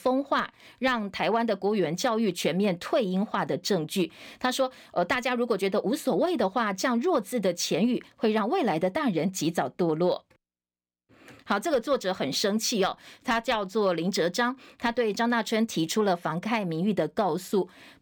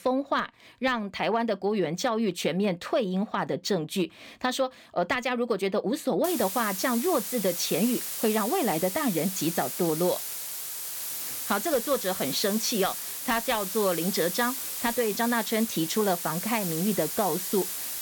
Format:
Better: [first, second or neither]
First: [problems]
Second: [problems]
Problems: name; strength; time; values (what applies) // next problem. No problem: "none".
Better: first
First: none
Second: hiss; loud; from 6 s on; 4 dB below the speech